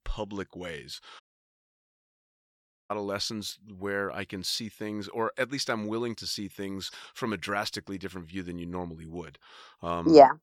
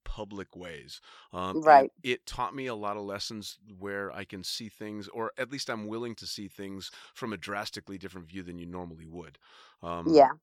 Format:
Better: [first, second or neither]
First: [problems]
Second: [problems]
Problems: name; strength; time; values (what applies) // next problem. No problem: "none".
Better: second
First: audio cutting out; at 1 s for 1.5 s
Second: none